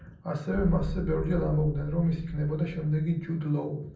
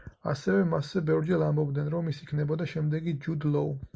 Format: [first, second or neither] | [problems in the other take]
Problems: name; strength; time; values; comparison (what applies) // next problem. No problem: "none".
second | background sound (Boom); 8 dB below the speech // room echo; dies away in 0.6 s